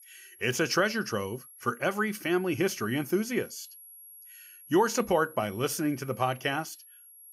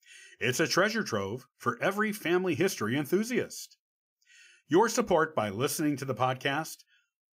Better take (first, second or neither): second